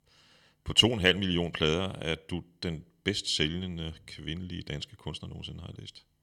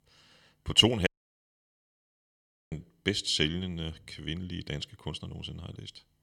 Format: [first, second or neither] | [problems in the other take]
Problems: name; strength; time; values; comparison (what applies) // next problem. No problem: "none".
first | audio cutting out; at 1 s for 1.5 s